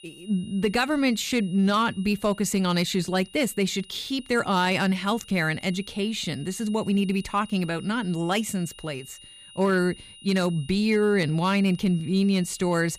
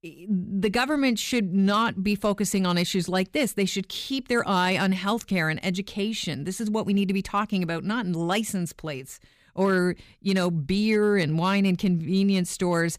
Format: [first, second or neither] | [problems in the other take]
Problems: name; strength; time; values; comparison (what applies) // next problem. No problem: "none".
second | high-pitched whine; faint; throughout; 3 kHz, 20 dB below the speech